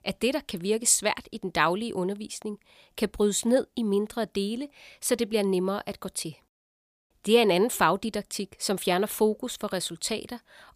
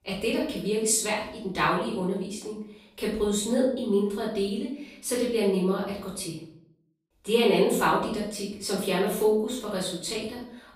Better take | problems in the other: first | off-mic speech; far // room echo; noticeable; dies away in 0.5 s

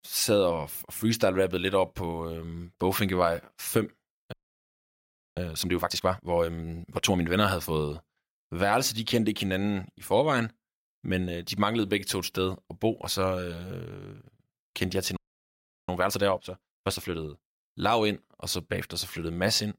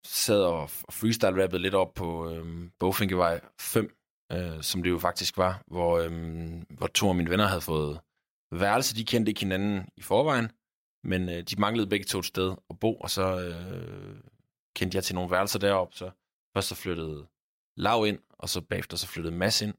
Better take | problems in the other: second | audio freezing; at 4.5 s for 1 s and at 15 s for 0.5 s

